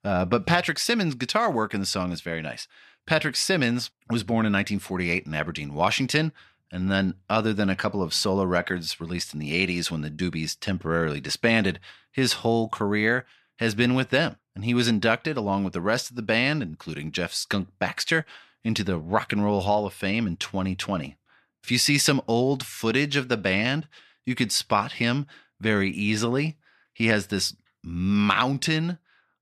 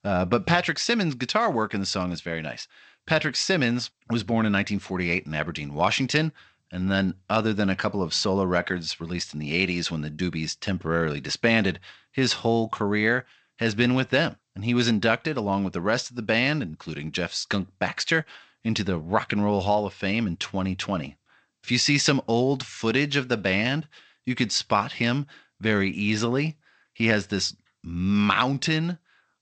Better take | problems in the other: first | garbled, watery; slightly; nothing above 8 kHz

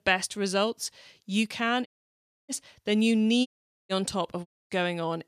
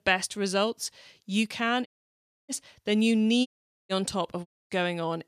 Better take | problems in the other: neither | audio cutting out; at 2 s for 0.5 s, at 3.5 s and at 4.5 s; the same in both

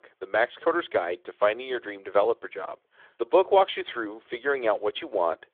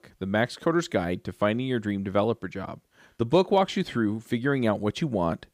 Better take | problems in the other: second | phone-call audio; nothing above 3.5 kHz

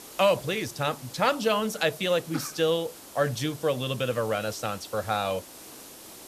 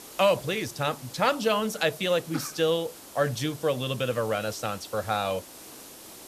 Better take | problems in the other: neither | hiss; noticeable; throughout; 15 dB below the speech; the same in both

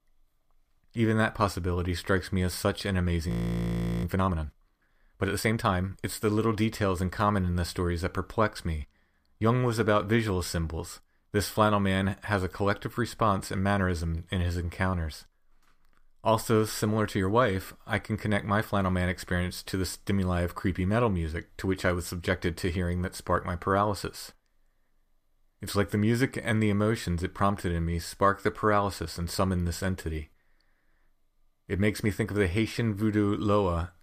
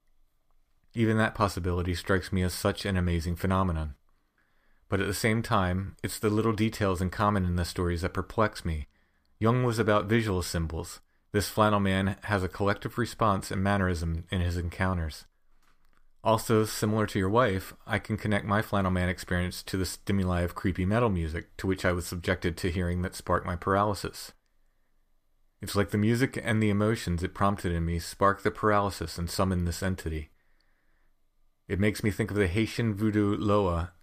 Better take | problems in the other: second | audio freezing; at 3.5 s for 0.5 s

